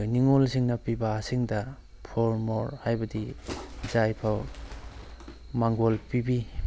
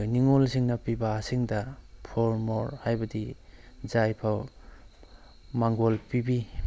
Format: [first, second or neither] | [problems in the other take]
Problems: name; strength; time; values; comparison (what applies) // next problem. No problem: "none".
second | background sound (Bird); 14 dB below the speech